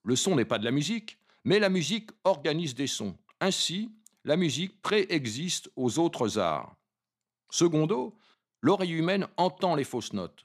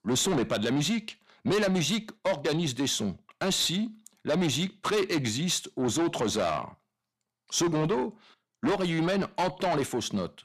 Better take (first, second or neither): first